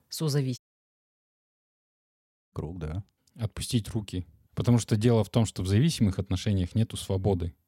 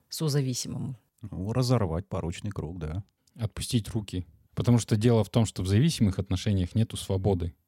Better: second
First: audio cutting out; at 0.5 s for 2 s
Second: none

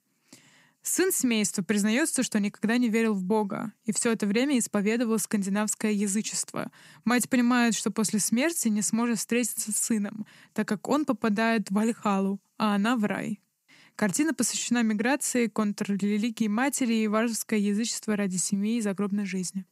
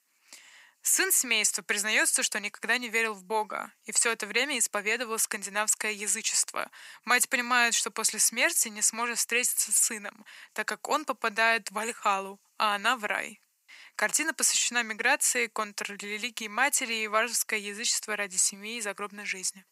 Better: first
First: none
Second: thin; very; fading below 800 Hz

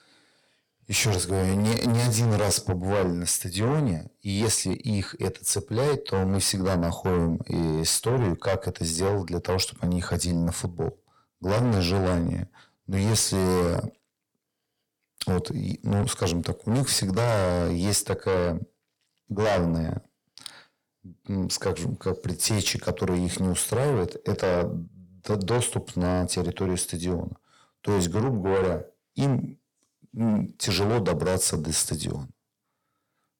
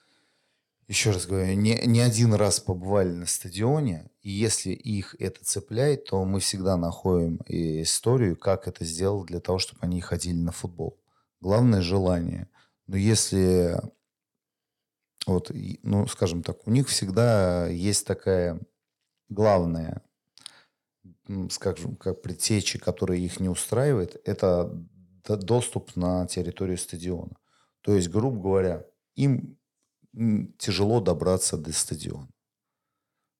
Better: second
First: distortion; heavy; 7 dB below the speech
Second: none

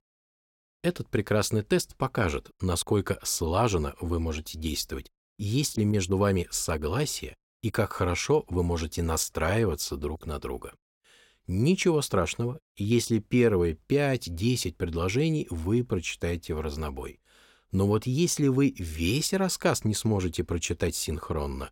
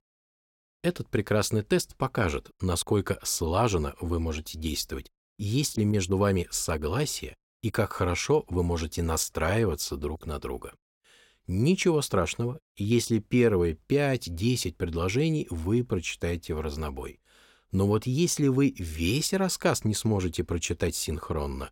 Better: neither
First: none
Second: none

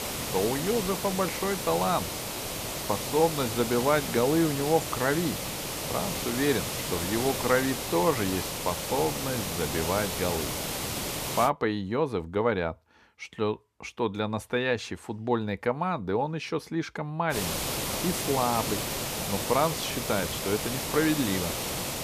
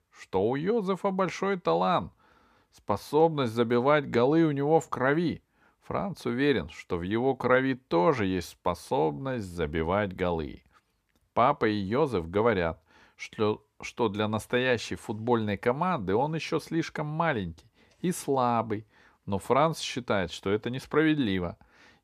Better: second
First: hiss; loud; until 11 s and from 17 s on; 2 dB below the speech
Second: none

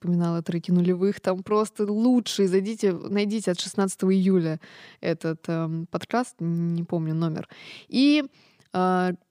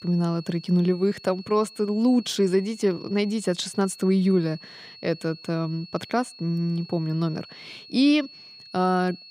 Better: first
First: none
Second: high-pitched whine; noticeable; throughout; 4.5 kHz, 20 dB below the speech

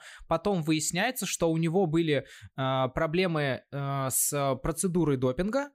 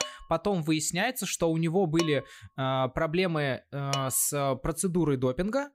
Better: first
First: none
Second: clattering dishes; noticeable; until 4 s; peak 7 dB below the speech

